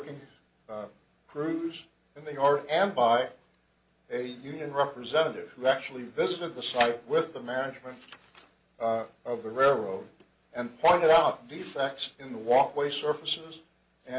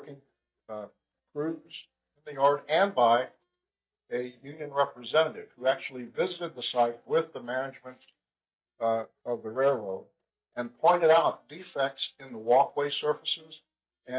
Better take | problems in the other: first | noise reduction (neural mask model DeepFilterNet 3)

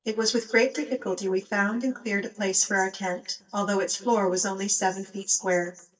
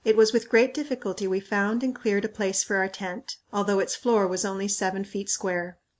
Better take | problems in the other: second | noise reduction (neural mask model DeepFilterNet 3)

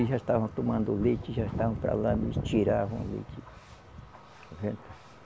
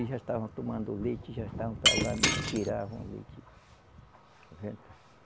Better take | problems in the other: first | background sound (Shatter); 4 dB above the speech

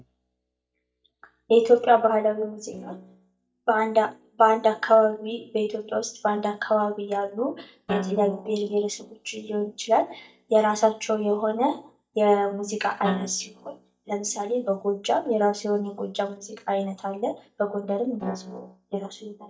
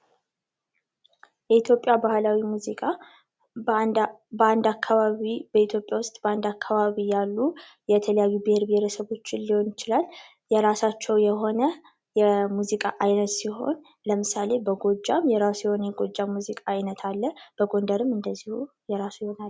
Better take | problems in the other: second | noise reduction (neural mask model DeepFilterNet 3)

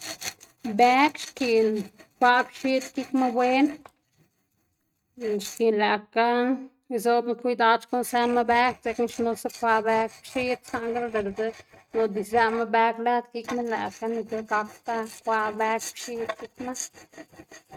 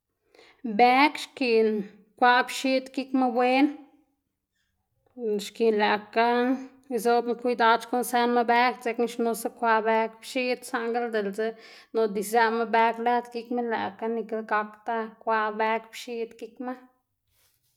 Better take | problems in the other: second | noise reduction (neural mask model RNNoise)

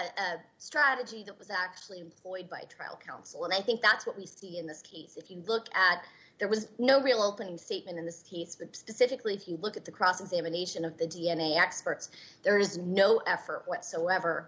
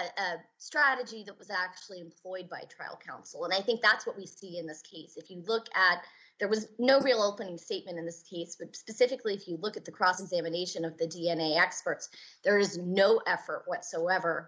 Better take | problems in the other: first | noise reduction (neural mask model Resemble Enhance denoiser)

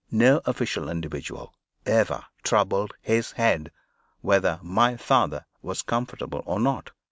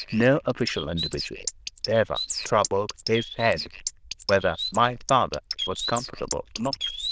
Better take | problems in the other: first | noise reduction (neural diffusion model UNIVERSE++)

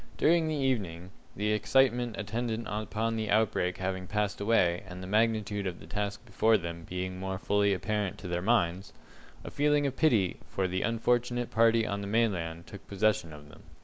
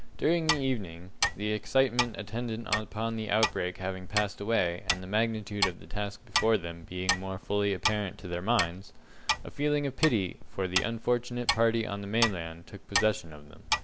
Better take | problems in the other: first | background sound (Clock); 5 dB below the speech

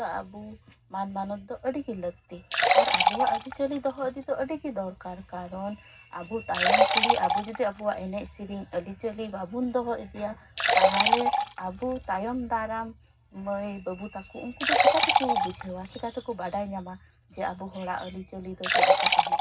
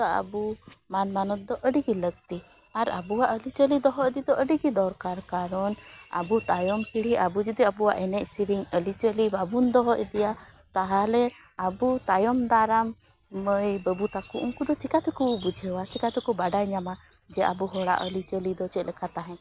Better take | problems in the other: second | background sound (Liquid); 4 dB above the speech // room echo; dies away in 0.4 s

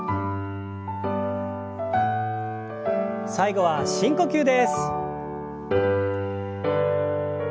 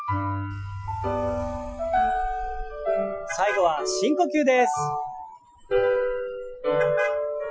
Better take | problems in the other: first | noise reduction (classical method Wiener filter)

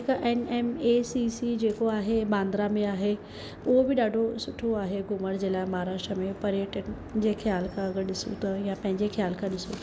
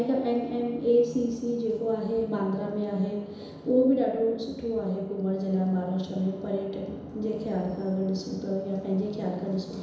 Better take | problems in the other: first | room echo; dies away in 1 s

